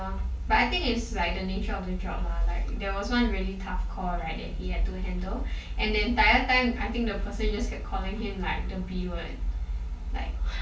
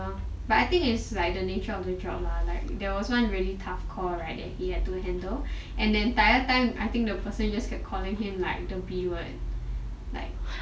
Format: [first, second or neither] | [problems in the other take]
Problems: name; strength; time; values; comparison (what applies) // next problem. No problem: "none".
second | room echo; dies away in 0.3 s